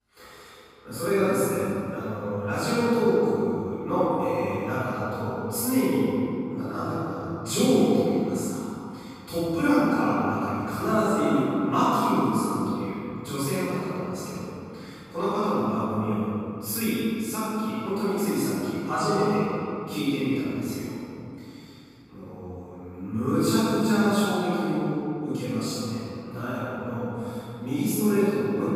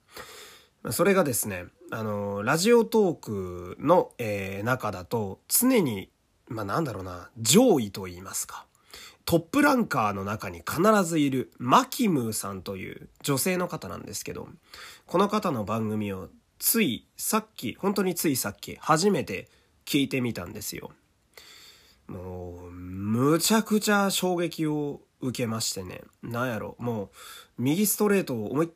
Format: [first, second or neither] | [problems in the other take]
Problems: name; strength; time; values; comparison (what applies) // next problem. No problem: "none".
second | off-mic speech; far // room echo; strong; dies away in 2.9 s